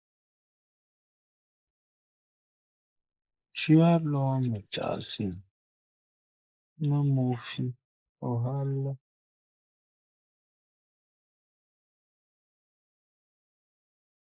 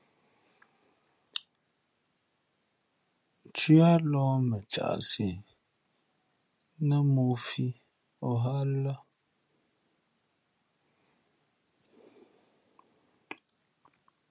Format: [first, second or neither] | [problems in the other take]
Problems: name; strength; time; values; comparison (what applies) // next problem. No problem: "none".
second | noise reduction (neural mask model Resemble Enhance denoiser)